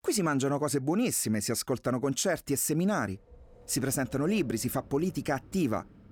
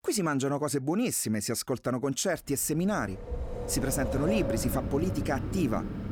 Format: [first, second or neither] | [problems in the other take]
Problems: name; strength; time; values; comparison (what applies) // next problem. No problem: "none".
first | wind in the background; loud; from 3 s on; 5 dB below the speech; faint in the first